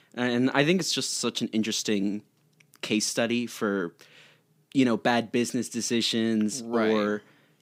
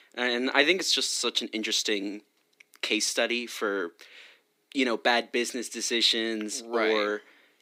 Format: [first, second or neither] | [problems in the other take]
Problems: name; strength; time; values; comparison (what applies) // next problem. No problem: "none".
first | thin; somewhat; fading below 300 Hz